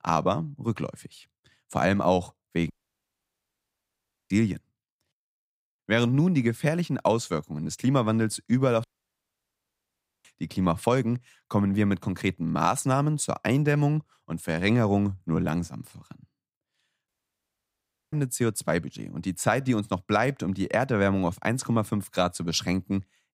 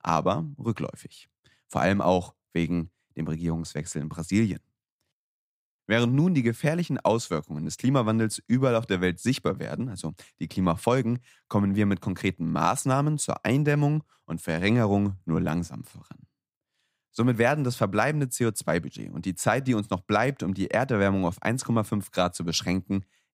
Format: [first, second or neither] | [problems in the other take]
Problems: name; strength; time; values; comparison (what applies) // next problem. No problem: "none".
second | audio cutting out; at 2.5 s for 1.5 s, at 9 s for 1.5 s and at 17 s for 1 s